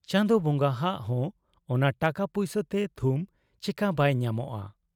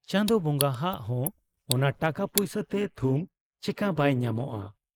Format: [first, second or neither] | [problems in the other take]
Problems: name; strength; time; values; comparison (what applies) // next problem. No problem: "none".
first | noise reduction (neural mask model Resemble Enhance denoiser)